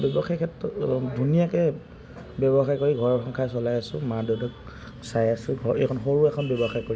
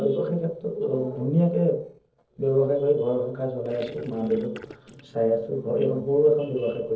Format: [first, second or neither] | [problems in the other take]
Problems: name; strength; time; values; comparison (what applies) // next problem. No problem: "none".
first | noise reduction (neural separator model SepFormer DNS4)